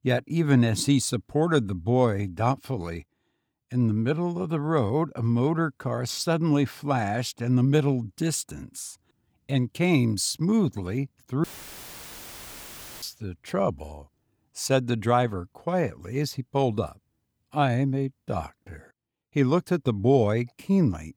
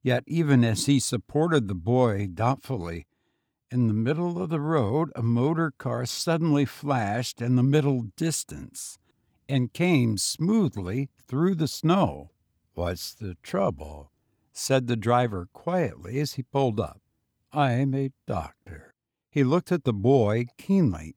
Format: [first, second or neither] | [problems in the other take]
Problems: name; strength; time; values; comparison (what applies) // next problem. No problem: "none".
second | audio cutting out; filled with static; at 11 s for 1.5 s